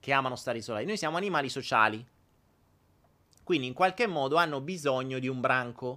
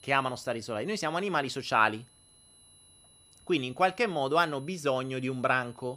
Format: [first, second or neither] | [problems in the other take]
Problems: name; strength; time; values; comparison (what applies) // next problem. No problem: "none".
first | high-pitched whine; faint; throughout; 10.5 kHz, 30 dB below the speech